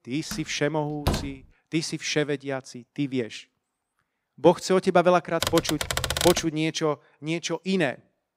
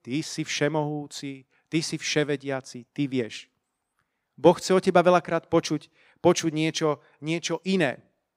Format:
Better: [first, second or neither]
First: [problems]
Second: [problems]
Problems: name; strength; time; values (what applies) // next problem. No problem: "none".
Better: second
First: door banging; noticeable; at 0.5 s; peak 3 dB below the speech // keyboard typing; loud; at 5.5 s; peak 1 dB above the speech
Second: none